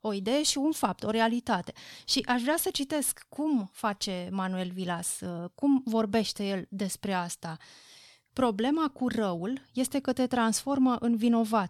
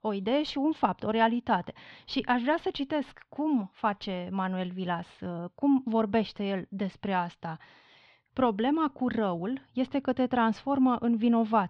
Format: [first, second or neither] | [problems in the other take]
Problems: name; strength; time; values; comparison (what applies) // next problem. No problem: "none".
first | muffled; very; fading above 3 kHz